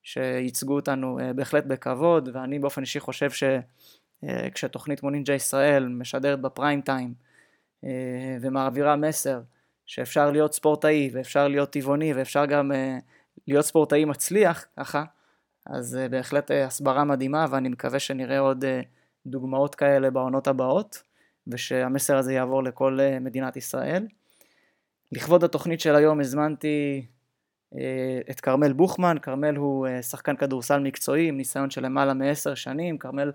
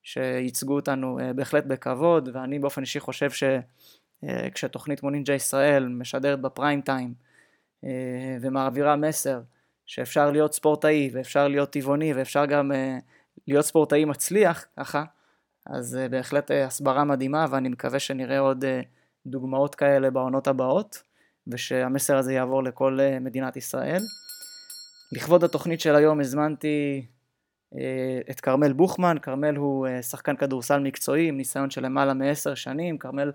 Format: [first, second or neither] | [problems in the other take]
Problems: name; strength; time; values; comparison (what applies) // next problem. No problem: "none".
first | doorbell; faint; from 24 to 26 s; peak 15 dB below the speech